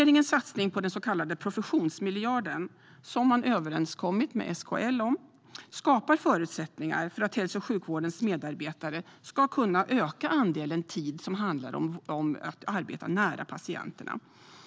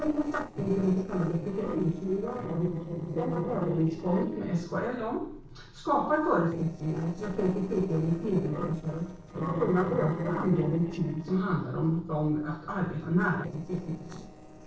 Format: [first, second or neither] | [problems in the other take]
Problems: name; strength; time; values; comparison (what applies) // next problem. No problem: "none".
first | noise reduction (neural separator model SepFormer DNS4)